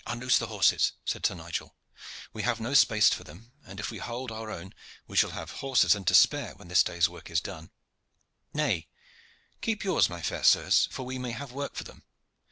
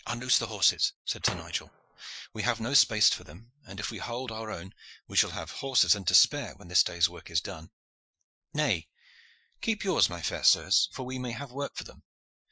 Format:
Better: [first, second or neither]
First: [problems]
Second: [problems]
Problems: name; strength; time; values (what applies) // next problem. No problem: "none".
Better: first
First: none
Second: noise reduction (classical method Wiener filter)